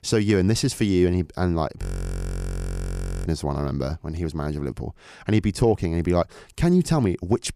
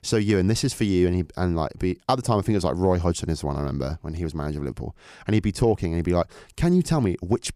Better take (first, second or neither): second